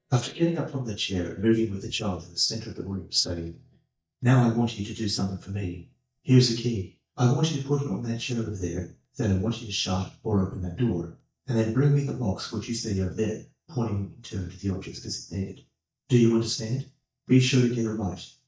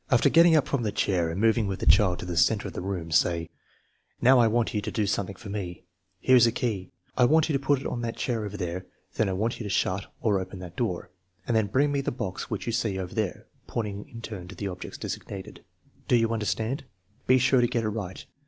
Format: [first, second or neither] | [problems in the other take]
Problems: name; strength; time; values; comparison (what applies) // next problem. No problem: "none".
second | noise reduction (neural mask model DeepFilterNet 3)